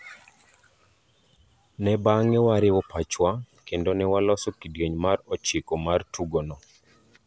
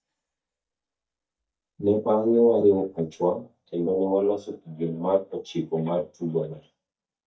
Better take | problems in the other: first | noise reduction (neural mask model DeepFilterNet 3)

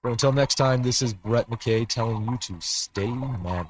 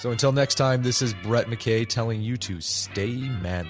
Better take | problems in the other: second | noise reduction (neural mask model RNNoise)

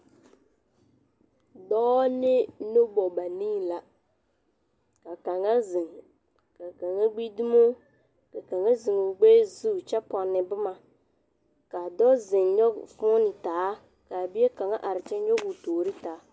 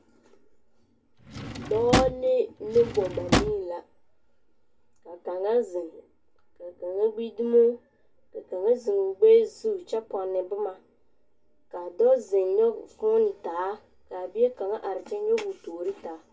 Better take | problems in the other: first | background sound (Drawer open or close); 2 dB below the speech // room echo; dies away in 0.1 s

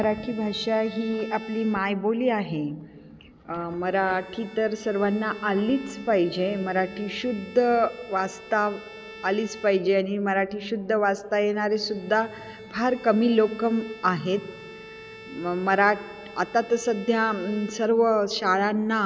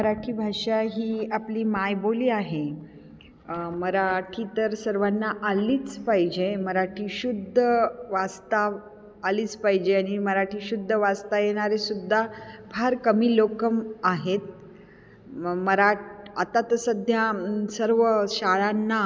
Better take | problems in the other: second | background sound (Bowed string instrument); 20 dB below the speech

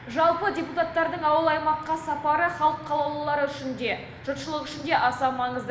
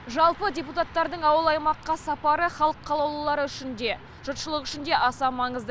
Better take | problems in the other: second | room echo; dies away in 1.1 s

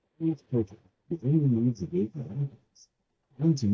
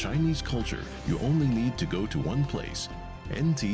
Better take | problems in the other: second | noise reduction (neural mask model DeepFilterNet 3)

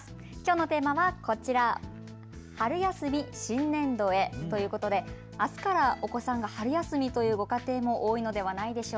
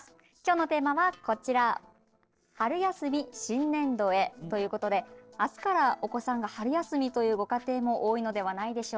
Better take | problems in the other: first | noise reduction (neural separator model SepFormer DNS4)

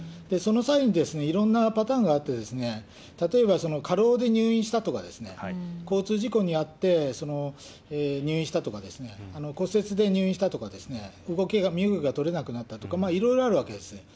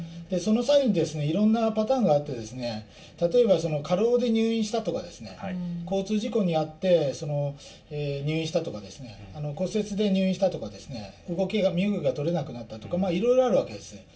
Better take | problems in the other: first | room echo; dies away in 0.2 s

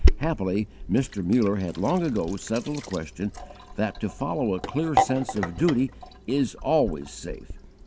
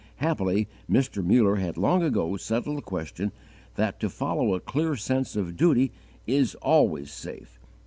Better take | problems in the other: second | background sound (Sink (filling or washing)); 2 dB below the speech

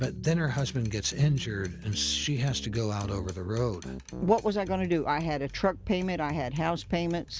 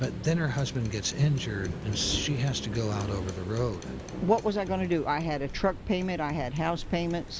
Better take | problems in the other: first | background sound (Waves, surf); 11 dB below the speech

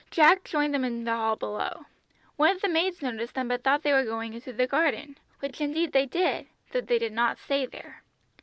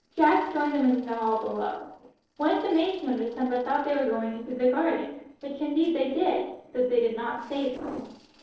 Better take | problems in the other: first | noise reduction (neural separator model SepFormer DNS4)

